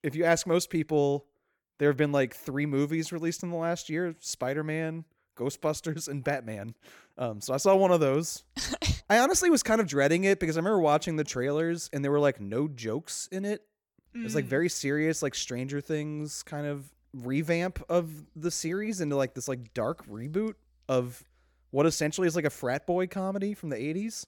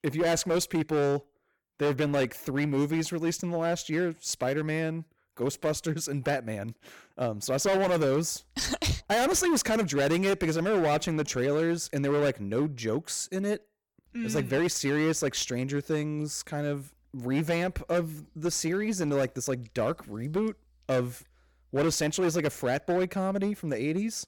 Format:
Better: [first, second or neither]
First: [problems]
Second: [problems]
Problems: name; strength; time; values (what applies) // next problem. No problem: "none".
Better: first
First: none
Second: distortion; heavy; 12% of the sound clipped